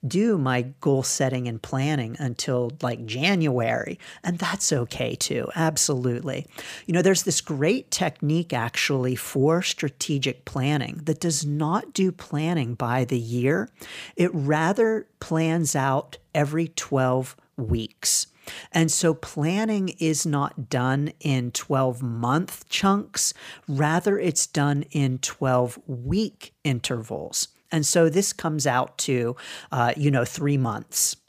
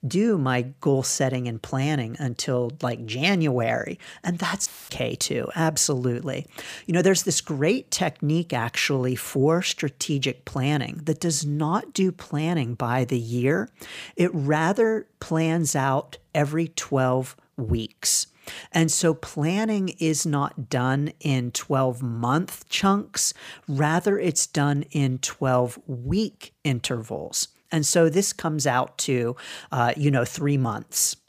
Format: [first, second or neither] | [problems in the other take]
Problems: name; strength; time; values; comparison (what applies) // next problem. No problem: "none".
first | audio cutting out; filled with static; at 4.5 s